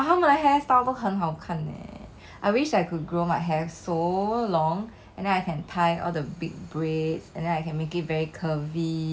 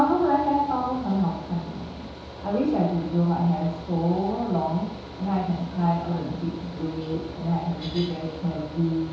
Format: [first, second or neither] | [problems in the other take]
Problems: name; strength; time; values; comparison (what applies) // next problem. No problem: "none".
first | background sound (Mechanical fan); 14 dB below the speech // room echo; dies away in 0.8 s